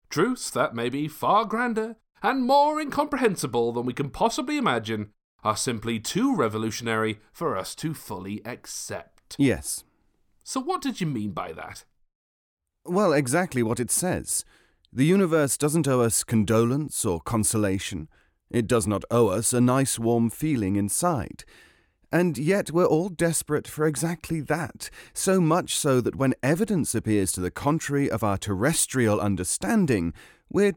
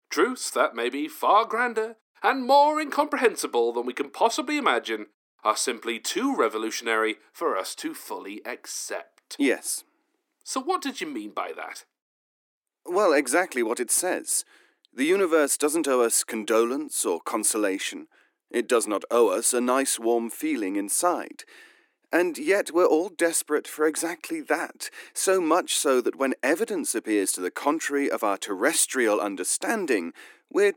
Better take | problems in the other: first | thin; somewhat; fading below 300 Hz

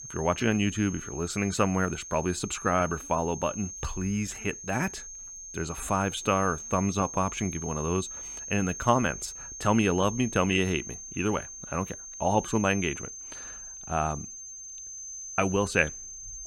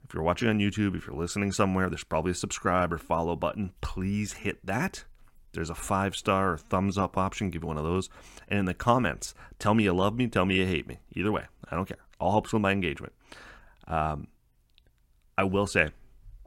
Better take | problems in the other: second | high-pitched whine; loud; throughout; 6.5 kHz, 10 dB below the speech

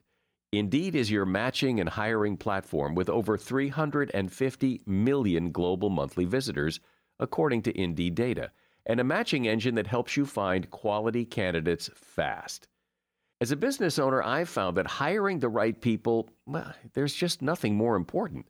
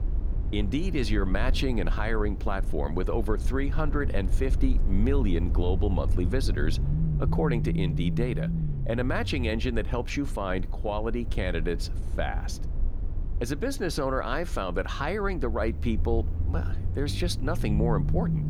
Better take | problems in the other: first | low rumble; noticeable; throughout; 10 dB below the speech

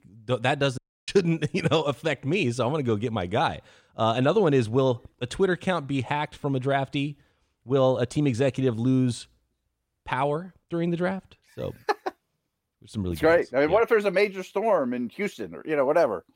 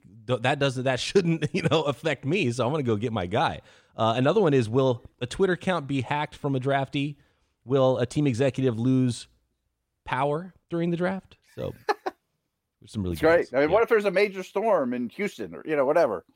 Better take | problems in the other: second | audio cutting out; at 1 s

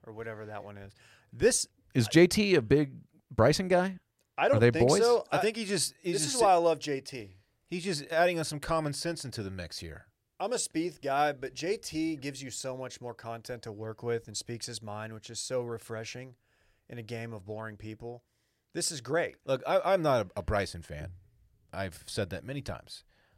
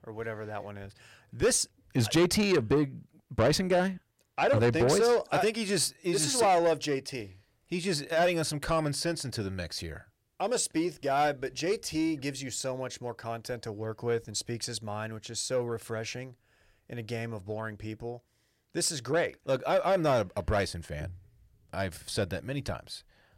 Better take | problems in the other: first | distortion; slight; 10 dB below the speech

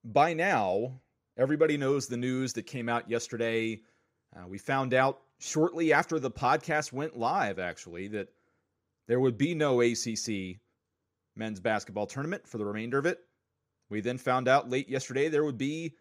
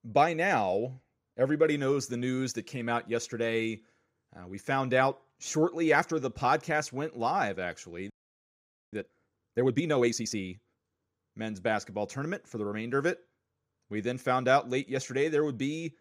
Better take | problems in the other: first | audio freezing; at 8 s for 1 s

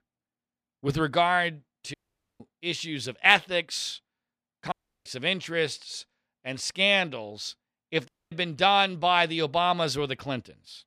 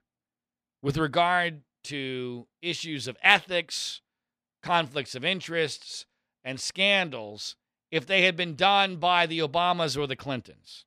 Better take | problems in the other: second | audio cutting out; at 2 s, at 4.5 s and at 8 s

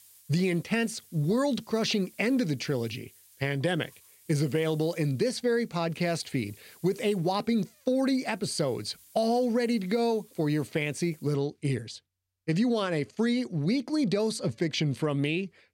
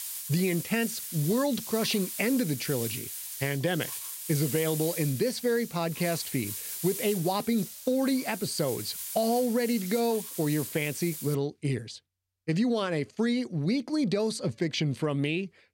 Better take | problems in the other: first | hiss; loud; until 11 s; 7 dB below the speech; faint in the first

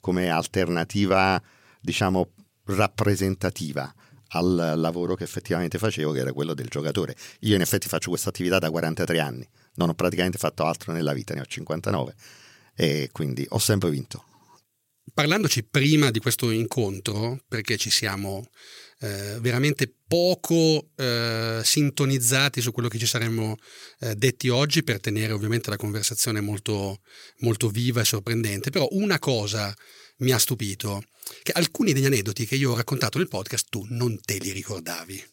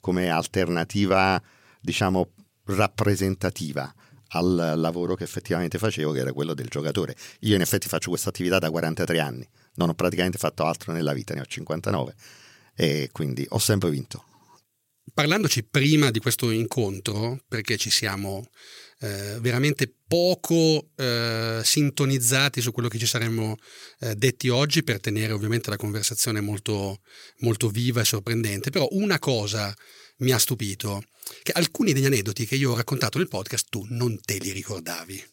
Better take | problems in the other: neither | none

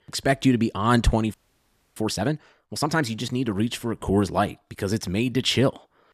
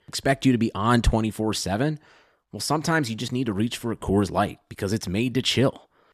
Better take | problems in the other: second | audio freezing; at 1.5 s for 0.5 s

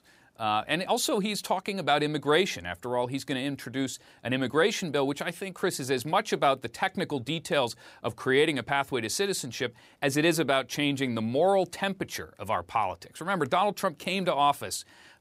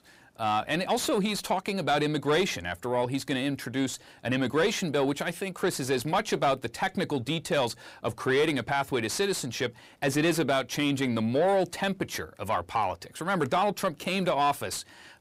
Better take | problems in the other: first | distortion; slight; 10 dB below the speech

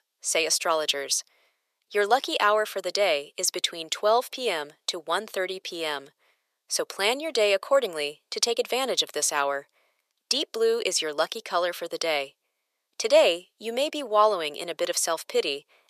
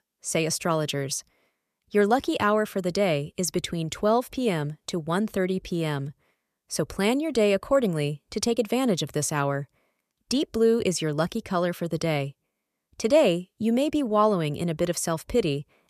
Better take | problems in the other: second | thin; very; fading below 500 Hz

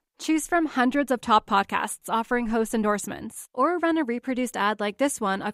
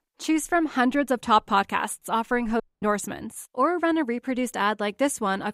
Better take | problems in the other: first | audio cutting out; at 2.5 s

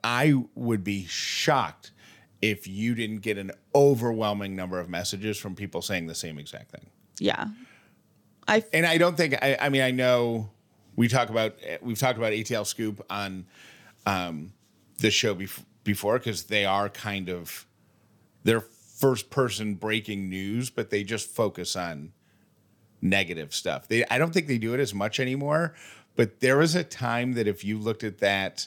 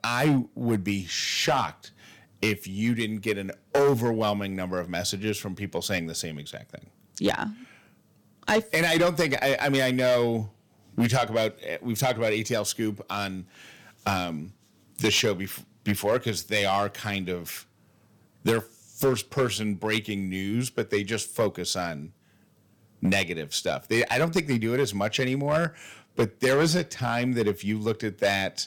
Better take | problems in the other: first | distortion; slight; 3% of the sound clipped

